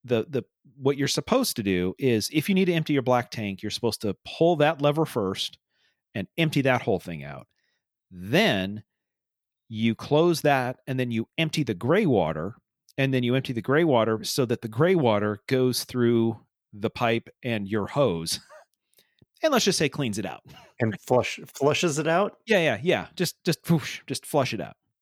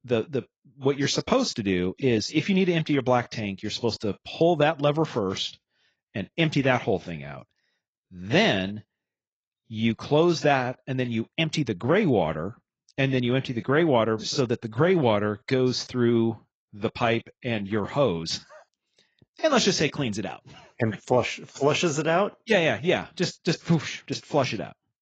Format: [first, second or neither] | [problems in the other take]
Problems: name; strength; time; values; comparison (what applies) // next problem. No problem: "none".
first | garbled, watery; badly; nothing above 7.5 kHz